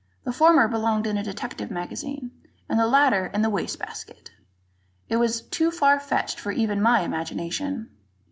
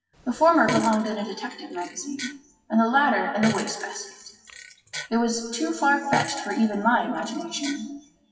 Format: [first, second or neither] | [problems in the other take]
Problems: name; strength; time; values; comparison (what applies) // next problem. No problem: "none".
first | noise reduction (classical method WPE with log-MMSE)